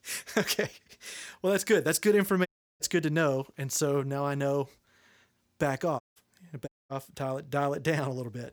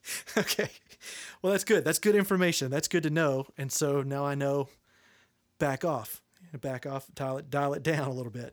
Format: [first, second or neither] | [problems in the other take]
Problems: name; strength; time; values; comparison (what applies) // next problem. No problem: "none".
second | audio cutting out; at 2.5 s, at 6 s and at 6.5 s